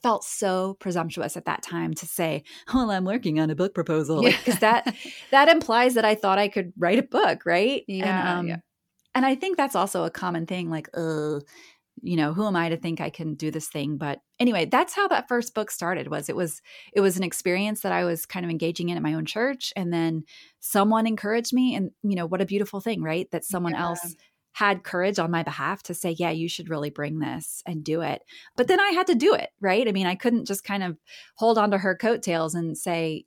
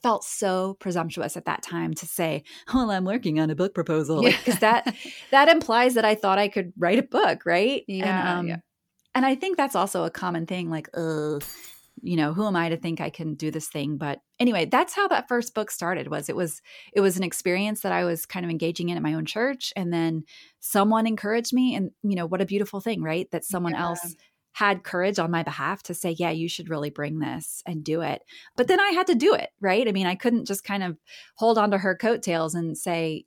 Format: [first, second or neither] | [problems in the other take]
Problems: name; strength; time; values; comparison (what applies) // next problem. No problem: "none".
first | jangling keys; faint; at 11 s; peak 15 dB below the speech